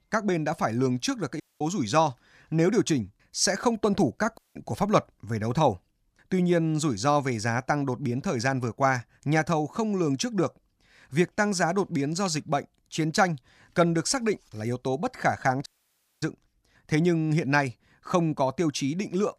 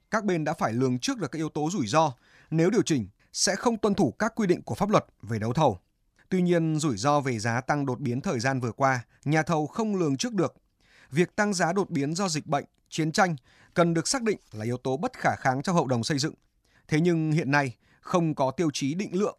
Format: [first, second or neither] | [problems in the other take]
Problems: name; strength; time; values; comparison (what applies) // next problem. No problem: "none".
second | audio cutting out; at 1.5 s, at 4.5 s and at 16 s for 0.5 s